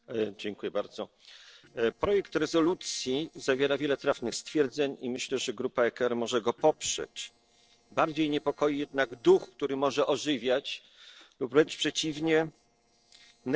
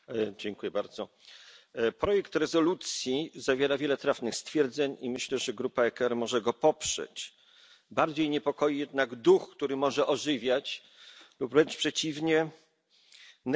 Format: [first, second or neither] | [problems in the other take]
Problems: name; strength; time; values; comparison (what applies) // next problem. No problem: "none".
second | noise reduction (neural separator model SepFormer DNS4)